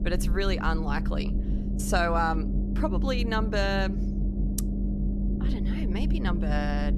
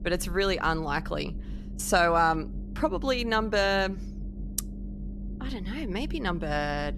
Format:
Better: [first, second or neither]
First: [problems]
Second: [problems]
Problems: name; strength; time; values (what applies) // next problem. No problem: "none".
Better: second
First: low rumble; loud; throughout; 10 dB below the speech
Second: low rumble; faint; throughout; 25 dB below the speech